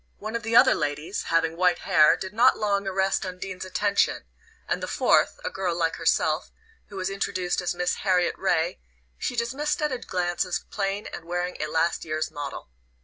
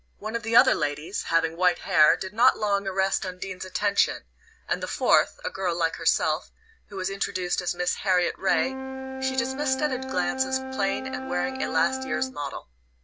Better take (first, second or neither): first